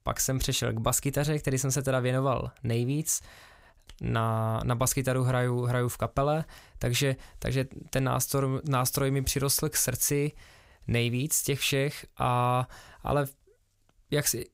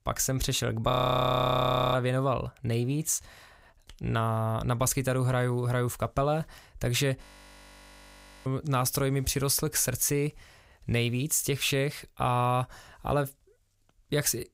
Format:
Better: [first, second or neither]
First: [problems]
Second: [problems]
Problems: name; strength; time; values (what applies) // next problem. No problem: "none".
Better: first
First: none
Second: audio freezing; at 1 s for 1 s and at 7 s for 1 s